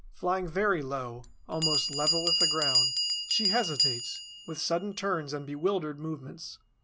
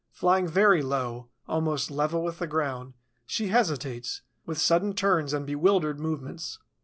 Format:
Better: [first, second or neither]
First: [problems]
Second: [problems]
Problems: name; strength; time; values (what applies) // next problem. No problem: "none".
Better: second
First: background sound (Bell); 1 dB above the speech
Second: none